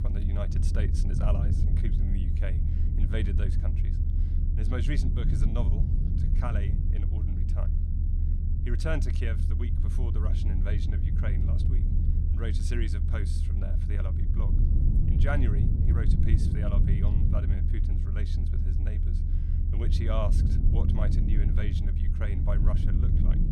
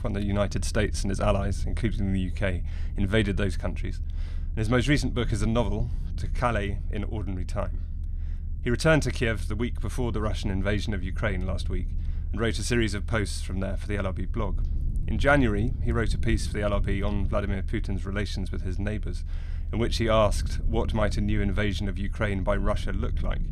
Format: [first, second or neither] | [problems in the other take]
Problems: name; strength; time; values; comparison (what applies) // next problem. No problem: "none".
second | low rumble; loud; throughout; 2 dB below the speech; faint in the second